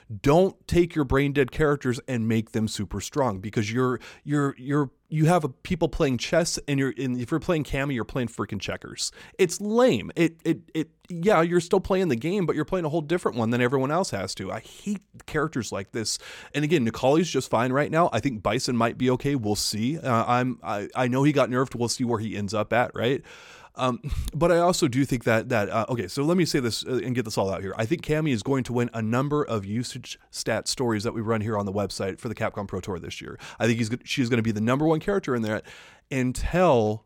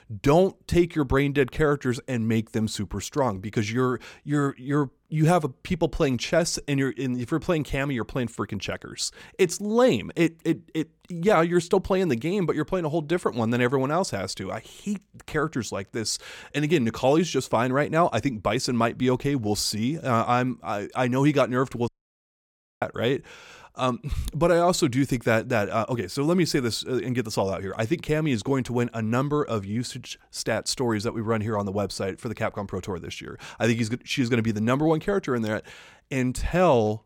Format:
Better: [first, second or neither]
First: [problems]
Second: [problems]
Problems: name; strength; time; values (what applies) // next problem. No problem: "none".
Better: first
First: none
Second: audio cutting out; at 22 s for 1 s